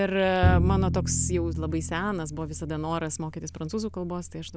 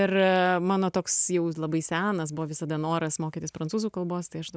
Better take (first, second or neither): second